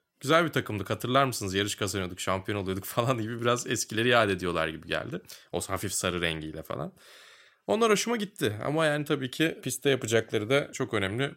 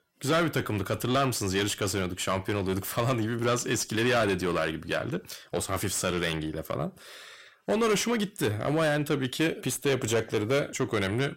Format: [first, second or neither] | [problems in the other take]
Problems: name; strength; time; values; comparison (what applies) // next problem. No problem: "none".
first | distortion; heavy; 8 dB below the speech